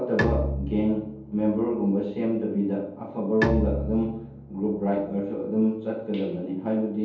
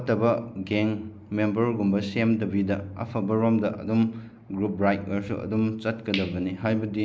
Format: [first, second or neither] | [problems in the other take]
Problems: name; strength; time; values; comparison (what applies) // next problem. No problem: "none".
second | background sound (Bowed string instrument); 7 dB below the speech // room echo; dies away in 0.7 s